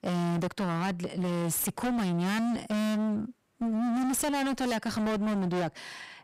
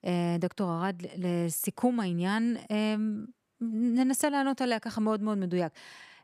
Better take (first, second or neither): second